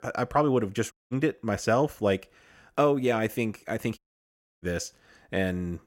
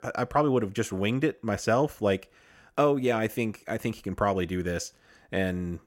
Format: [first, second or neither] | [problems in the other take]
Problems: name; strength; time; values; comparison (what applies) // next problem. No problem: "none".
second | audio cutting out; at 1 s and at 4 s for 0.5 s